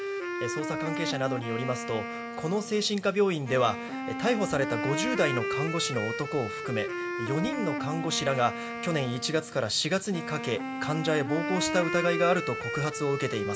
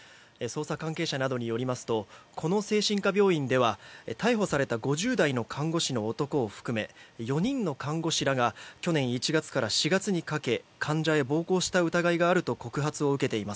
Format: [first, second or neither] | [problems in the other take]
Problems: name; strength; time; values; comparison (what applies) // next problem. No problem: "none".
second | background sound (Wind instrument, woodwind instrument); 4 dB below the speech // room echo; dies away in 1.6 s